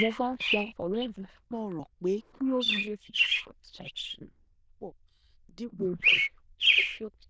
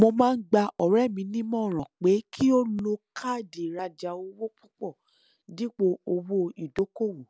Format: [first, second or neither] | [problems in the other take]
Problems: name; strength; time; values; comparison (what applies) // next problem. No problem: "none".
second | noise reduction (neural diffusion model UNIVERSE++)